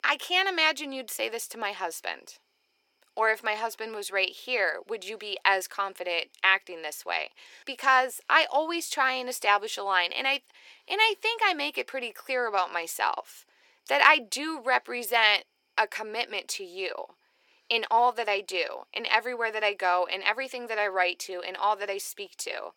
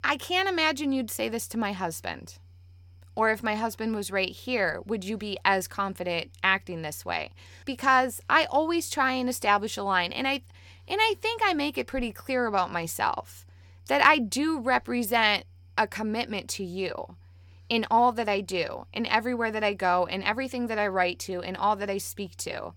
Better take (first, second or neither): second